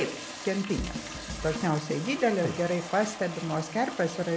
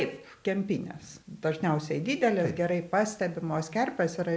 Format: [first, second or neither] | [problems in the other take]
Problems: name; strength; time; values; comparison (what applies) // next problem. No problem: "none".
second | background sound (Toilet flush + Drum kit); 10 dB below the speech